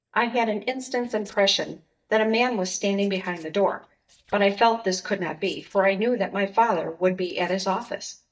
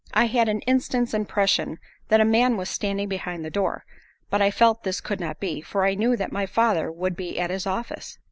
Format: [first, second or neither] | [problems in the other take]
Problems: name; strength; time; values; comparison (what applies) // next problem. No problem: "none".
second | noise reduction (neural mask model DeepFilterNet 3)